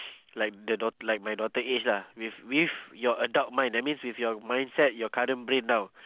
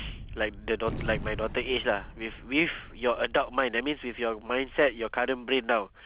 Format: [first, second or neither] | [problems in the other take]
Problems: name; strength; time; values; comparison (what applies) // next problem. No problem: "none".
first | background sound (Gunshot, gunfire); 12 dB below the speech